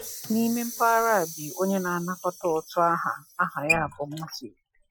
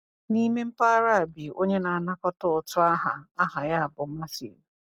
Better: second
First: noise reduction (classical method Wiener filter)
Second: none

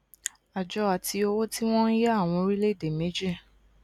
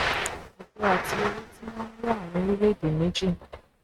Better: first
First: none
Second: noise reduction (neural mask model RNNoise)

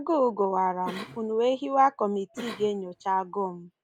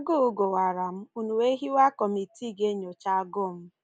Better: second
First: background sound (Cough); 18 dB below the speech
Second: none

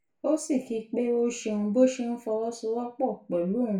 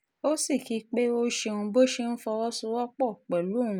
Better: second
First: room echo; dies away in 0.3 s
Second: none

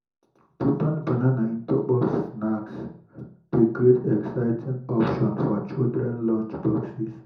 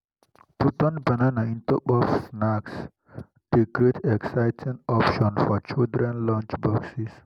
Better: second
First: room echo; dies away in 0.5 s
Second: none

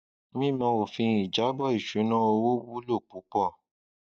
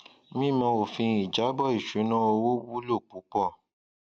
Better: second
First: noise reduction (neural mask model DeepFilterNet 3)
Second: none

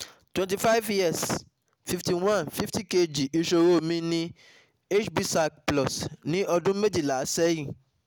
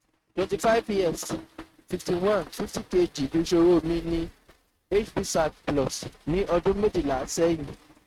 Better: first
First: none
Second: noise reduction (neural mask model RNNoise)

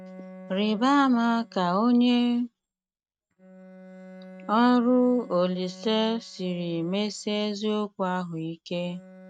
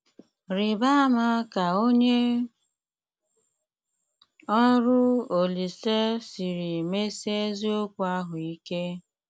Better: second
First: noise reduction (neural mask model RNNoise)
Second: none

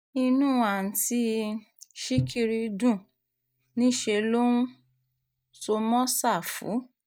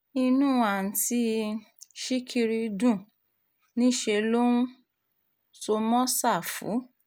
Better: second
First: noise reduction (neural mask model DeepFilterNet 3)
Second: none

